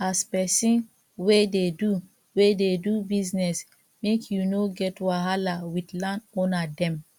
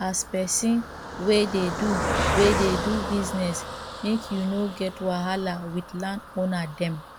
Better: first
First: none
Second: background sound (Car passing by); 5 dB below the speech

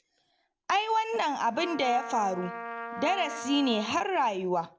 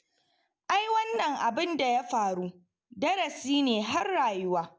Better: second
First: background sound (Trumpet); 12 dB below the speech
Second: none

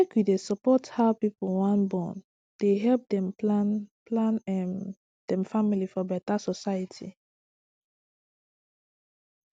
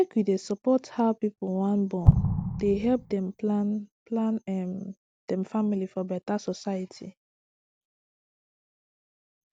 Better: first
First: none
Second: background sound (Explosion); 4 dB above the speech

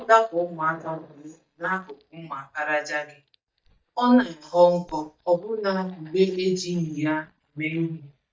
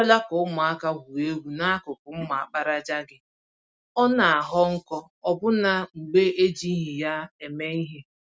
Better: second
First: noise reduction (neural mask model DeepFilterNet 3)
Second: none

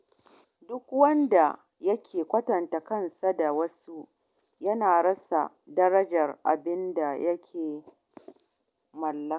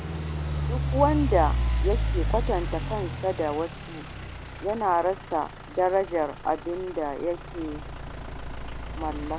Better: first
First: none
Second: background sound (Idling / Truck); 2 dB below the speech

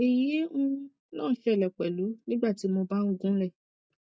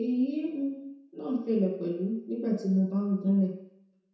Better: first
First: none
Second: room echo; dies away in 0.7 s

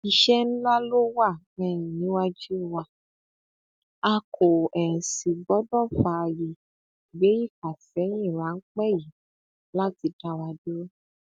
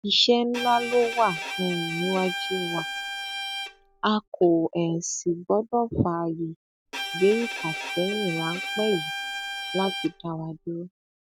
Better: first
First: none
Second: background sound (Bowed string instrument); 6 dB below the speech

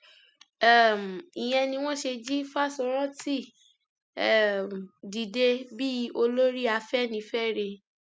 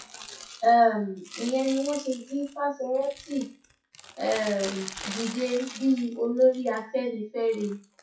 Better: first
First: none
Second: noise reduction (classical method WPE with log-MMSE)

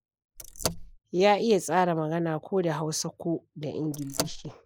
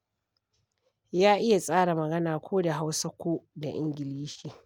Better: second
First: noise reduction (neural mask model Resemble Enhance denoiser)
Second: none

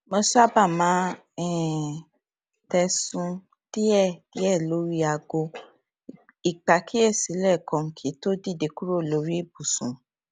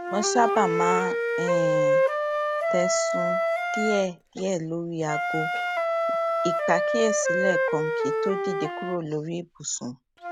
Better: first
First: none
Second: background sound (Wind instrument, woodwind instrument); 3 dB above the speech

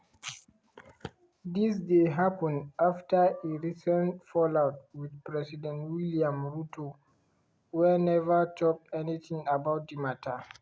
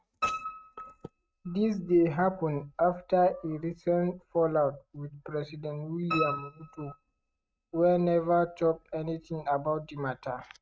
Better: first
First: none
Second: noise reduction (neural mask model RNNoise)

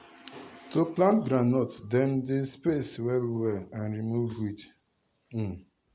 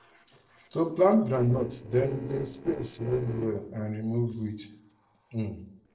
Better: first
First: none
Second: noise reduction (neural separator model SepFormer DNS4)

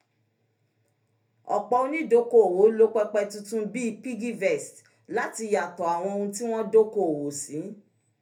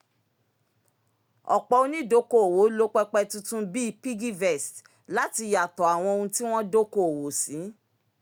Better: second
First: room echo; dies away in 0.3 s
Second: none

